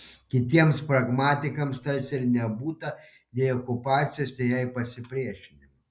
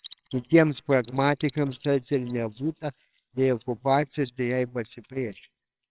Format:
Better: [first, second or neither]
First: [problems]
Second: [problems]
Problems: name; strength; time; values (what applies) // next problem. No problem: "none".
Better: first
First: none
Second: noise reduction (neural separator model SepFormer WHAMR!)